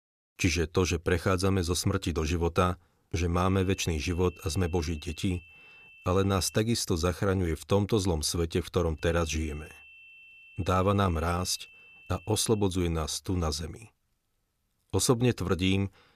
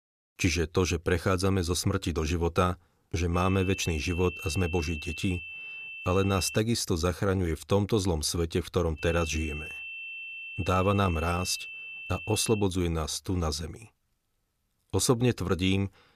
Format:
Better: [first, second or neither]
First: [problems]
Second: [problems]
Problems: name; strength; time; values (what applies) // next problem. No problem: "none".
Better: first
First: high-pitched whine; faint; from 3.5 to 6.5 s and from 9 to 13 s; 2.5 kHz, 20 dB below the speech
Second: high-pitched whine; loud; from 3.5 to 6.5 s and from 9 to 13 s; 2.5 kHz, 10 dB below the speech